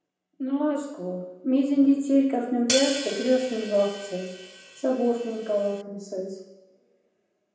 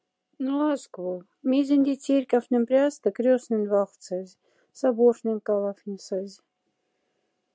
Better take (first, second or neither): second